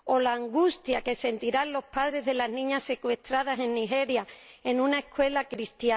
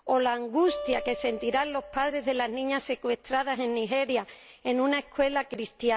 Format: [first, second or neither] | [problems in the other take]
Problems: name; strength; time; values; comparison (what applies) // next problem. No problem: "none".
first | background sound (Acoustic guitar); 14 dB below the speech